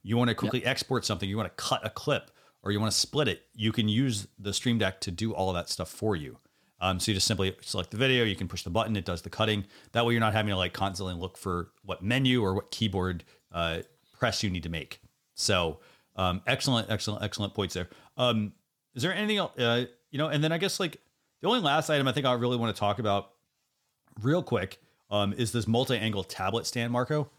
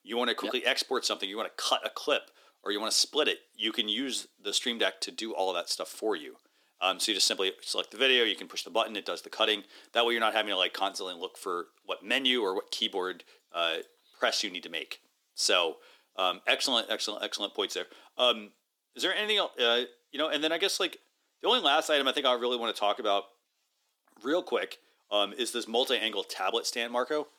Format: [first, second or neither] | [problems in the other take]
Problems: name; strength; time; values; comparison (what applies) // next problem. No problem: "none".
first | thin; somewhat; fading below 300 Hz